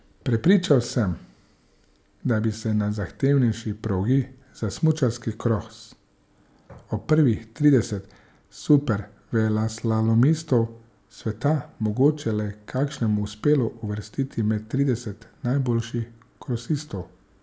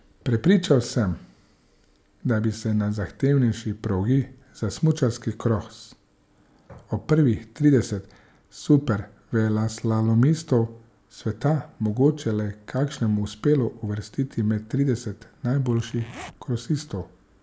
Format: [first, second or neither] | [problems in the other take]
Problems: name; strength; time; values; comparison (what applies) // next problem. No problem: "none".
first | background sound (Zipper (clothing)); 18 dB below the speech